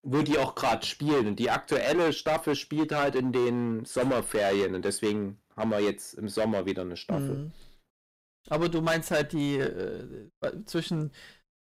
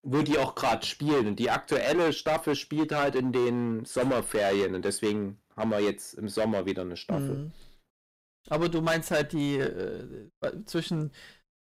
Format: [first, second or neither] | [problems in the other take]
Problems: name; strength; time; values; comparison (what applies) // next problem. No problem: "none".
neither | distortion; heavy; 11% of the sound clipped; the same in both